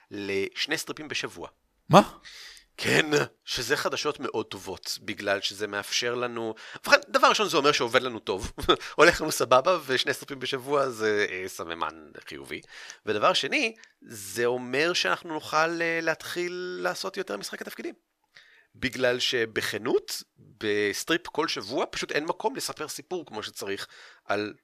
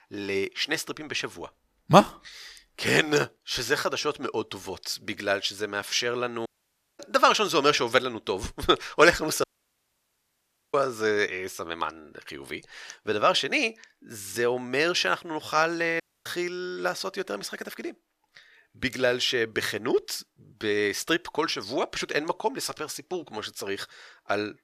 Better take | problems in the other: first | audio cutting out; at 6.5 s for 0.5 s, at 9.5 s for 1.5 s and at 16 s

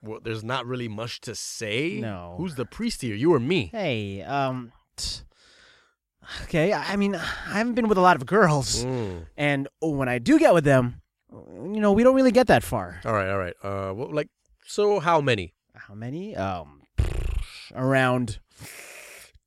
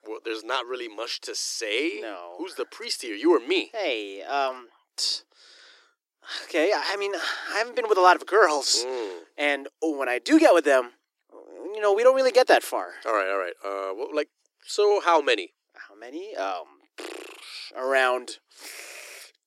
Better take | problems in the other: first | thin; very; fading below 300 Hz

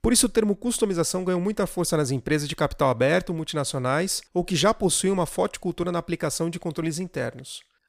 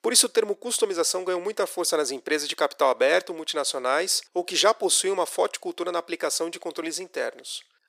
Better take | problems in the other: first | thin; very; fading below 350 Hz

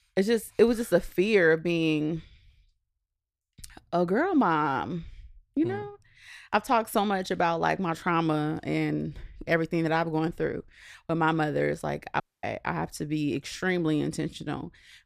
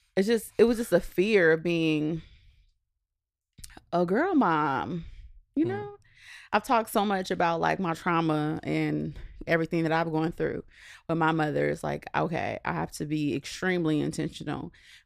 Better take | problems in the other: second | audio cutting out; at 12 s

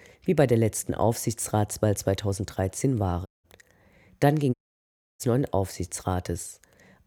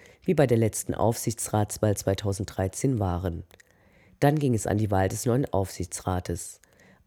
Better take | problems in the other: second | audio cutting out; at 3.5 s and at 4.5 s for 0.5 s

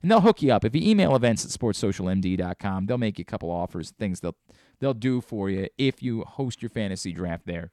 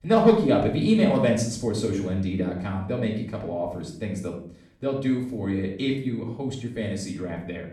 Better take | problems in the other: first | off-mic speech; far // room echo; noticeable; dies away in 0.5 s

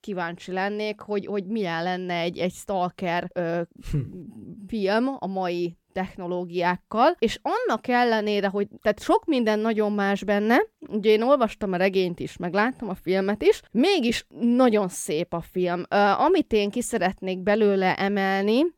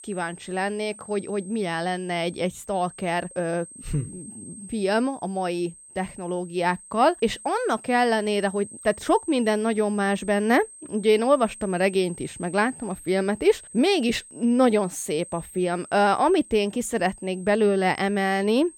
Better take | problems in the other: first | high-pitched whine; noticeable; throughout; 8.5 kHz, 20 dB below the speech

